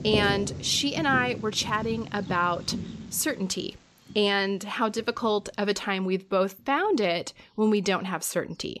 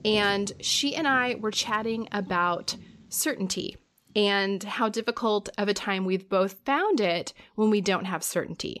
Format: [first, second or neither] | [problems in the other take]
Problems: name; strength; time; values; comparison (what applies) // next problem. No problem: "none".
second | animal sounds; loud; throughout; 9 dB below the speech; faint in the second